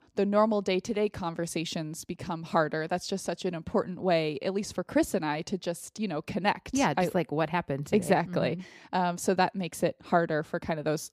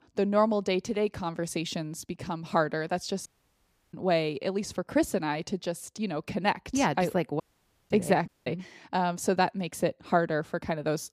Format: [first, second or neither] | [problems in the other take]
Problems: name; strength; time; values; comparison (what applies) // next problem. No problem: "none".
first | audio cutting out; at 3.5 s for 0.5 s, at 7.5 s for 0.5 s and at 8.5 s